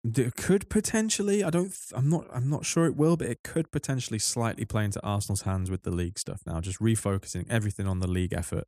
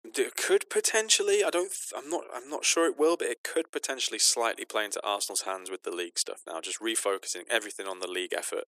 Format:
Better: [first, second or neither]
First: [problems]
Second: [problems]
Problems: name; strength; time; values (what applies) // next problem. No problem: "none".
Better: first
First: none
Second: thin; very; fading below 350 Hz